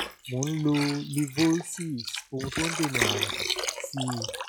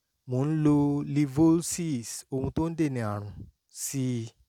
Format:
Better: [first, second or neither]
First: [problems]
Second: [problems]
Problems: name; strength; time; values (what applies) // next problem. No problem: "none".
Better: second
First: noise reduction (classical method log-MMSE)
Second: none